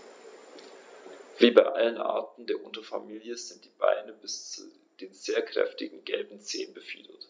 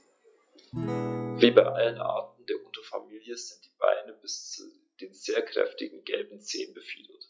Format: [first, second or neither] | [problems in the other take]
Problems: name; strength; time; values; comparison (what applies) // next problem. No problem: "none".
first | noise reduction (classical method log-MMSE)